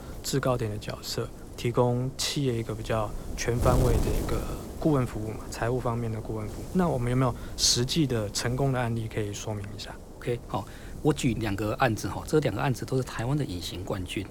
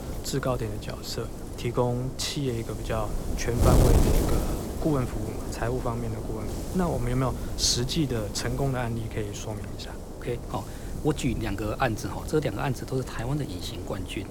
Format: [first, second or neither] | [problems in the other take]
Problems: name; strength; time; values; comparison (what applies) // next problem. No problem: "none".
first | wind noise on the microphone; heavy; 6 dB below the speech; occasional gusts in the first